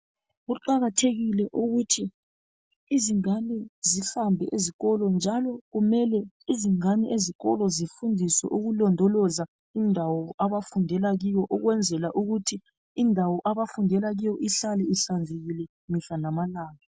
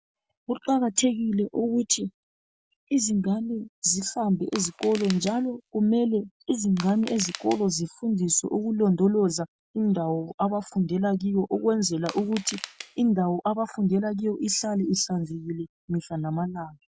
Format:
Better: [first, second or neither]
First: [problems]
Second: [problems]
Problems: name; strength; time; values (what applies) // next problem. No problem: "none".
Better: first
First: none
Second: background sound (Crushing); 15 dB below the speech